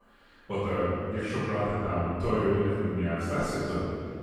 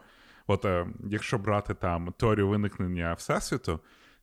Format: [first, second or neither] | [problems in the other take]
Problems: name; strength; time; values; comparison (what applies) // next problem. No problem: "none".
second | off-mic speech; far // room echo; strong; dies away in 2.3 s